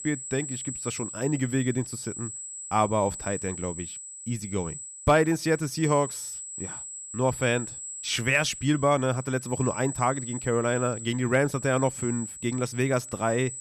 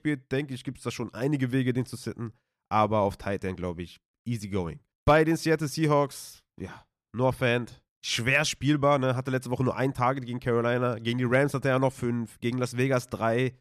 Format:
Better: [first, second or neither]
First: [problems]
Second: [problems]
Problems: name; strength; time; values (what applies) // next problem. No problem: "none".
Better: second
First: high-pitched whine; loud; throughout; 7.5 kHz, 9 dB below the speech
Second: none